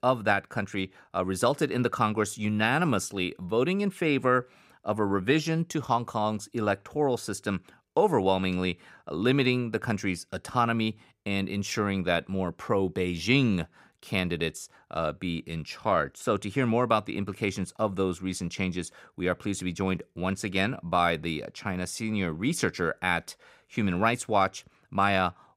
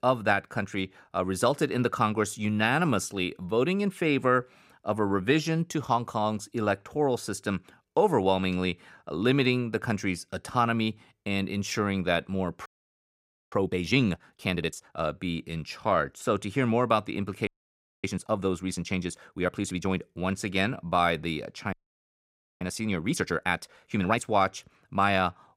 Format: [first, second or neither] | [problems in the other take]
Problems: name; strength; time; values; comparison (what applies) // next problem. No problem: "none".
first | audio freezing; at 13 s for 1 s, at 17 s for 0.5 s and at 22 s for 1 s